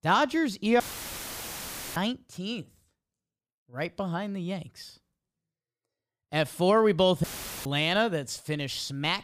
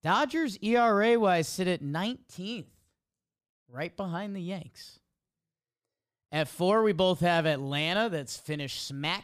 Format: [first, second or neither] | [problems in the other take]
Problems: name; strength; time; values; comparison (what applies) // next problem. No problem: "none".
second | audio cutting out; filled with static; at 1 s for 1 s and at 7 s